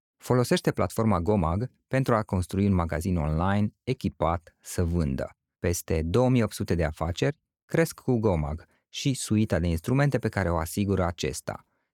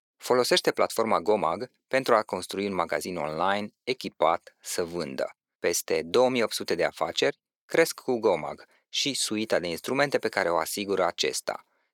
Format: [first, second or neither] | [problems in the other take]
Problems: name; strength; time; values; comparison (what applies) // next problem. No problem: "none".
first | thin; somewhat; fading below 450 Hz